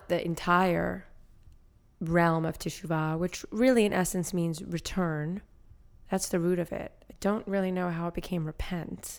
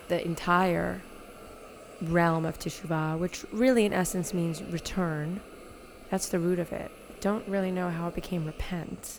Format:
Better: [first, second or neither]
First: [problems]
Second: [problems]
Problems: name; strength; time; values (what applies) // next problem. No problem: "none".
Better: first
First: none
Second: hiss; noticeable; throughout; 20 dB below the speech